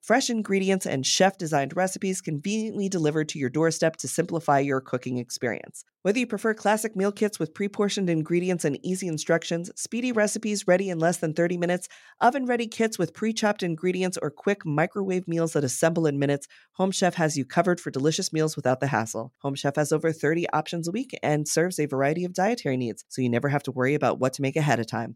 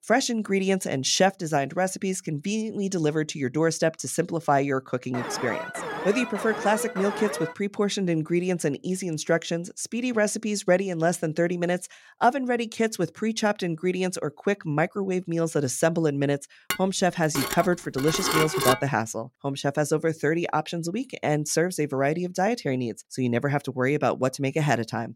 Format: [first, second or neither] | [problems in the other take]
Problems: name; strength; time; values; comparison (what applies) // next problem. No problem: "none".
first | alarm; noticeable; from 5 to 7.5 s; peak 6 dB below the speech // clattering dishes; loud; from 17 to 19 s; peak 3 dB above the speech